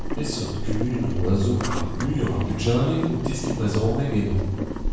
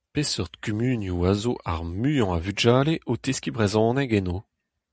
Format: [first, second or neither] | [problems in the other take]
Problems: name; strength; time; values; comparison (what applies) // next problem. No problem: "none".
second | background sound (Boiling); 4 dB below the speech // room echo; dies away in 1 s